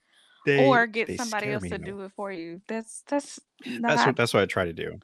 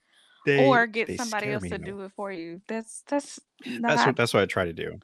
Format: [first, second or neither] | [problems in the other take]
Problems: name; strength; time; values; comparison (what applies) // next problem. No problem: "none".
neither | none